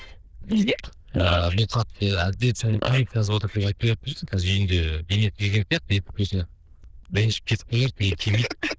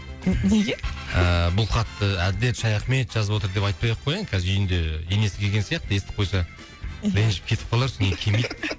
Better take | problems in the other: second | noise reduction (neural diffusion model UNIVERSE++)

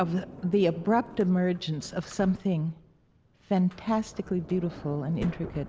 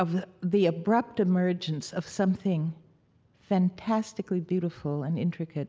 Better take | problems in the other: second | background sound (Sliding door); 16 dB below the speech

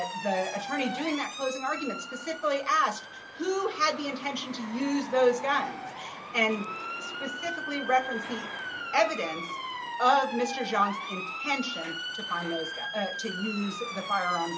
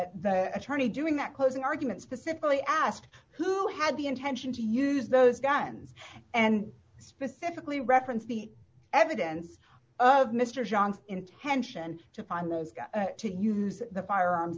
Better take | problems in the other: second | background sound (Motor vehicle (road) / Siren); 7 dB below the speech // room echo; dies away in 0.2 s

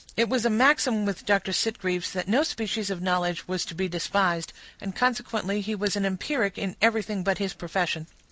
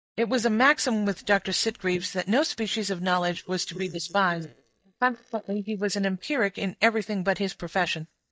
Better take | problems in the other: first | noise reduction (neural mask model DeepFilterNet 3)

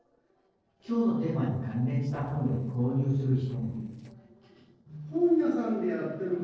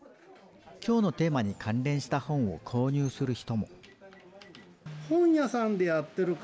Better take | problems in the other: second | noise reduction (neural separator model SepFormer DNS4)

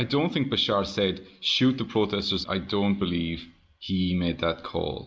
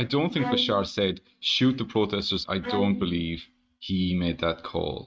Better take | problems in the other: first | noise reduction (neural mask model RNNoise)

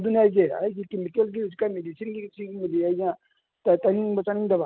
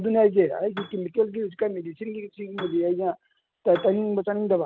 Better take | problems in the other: first | background sound (Piano); 14 dB below the speech

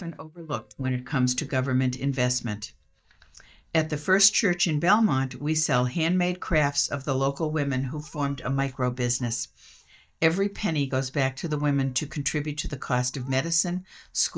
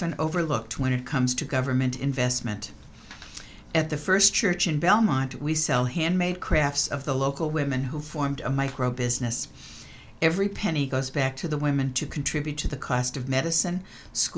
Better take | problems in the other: second | noise reduction (neural mask model DeepFilterNet 3)

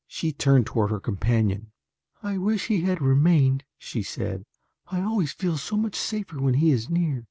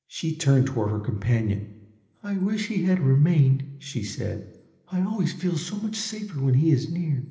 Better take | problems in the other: first | room echo; dies away in 0.8 s

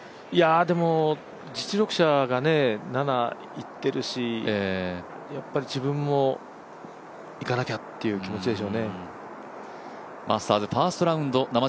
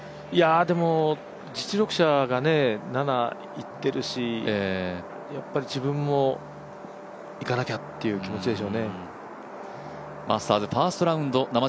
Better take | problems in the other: first | background sound (Telephone + Wind instrument, woodwind instrument); 18 dB below the speech

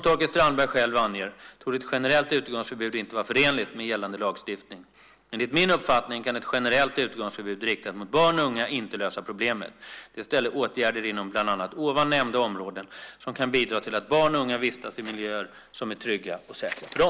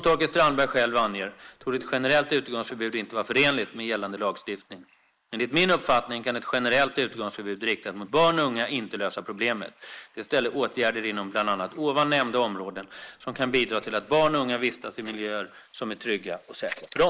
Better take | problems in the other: first | noise reduction (neural mask model Resemble Enhance denoiser)

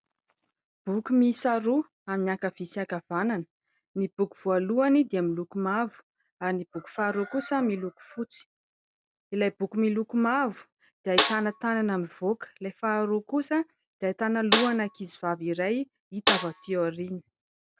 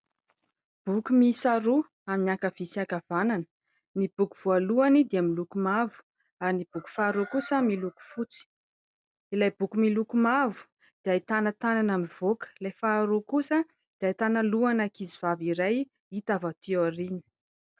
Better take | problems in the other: second | background sound (Snare drum); 2 dB below the speech

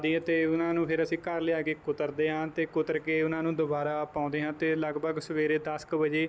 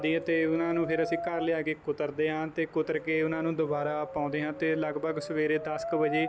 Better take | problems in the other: first | background sound (Brass instrument); 10 dB below the speech

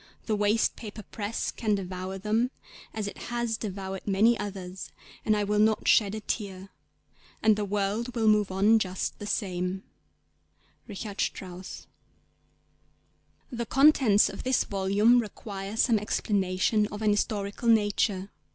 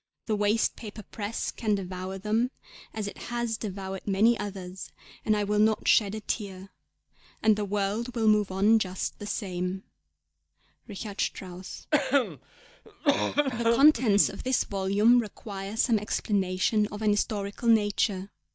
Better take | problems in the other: first | noise reduction (neural mask model DeepFilterNet 3)

